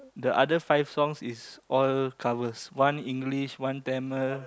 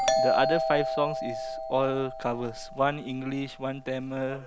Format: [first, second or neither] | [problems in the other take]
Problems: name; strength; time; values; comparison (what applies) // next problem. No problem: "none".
first | background sound (Doorbell); 2 dB below the speech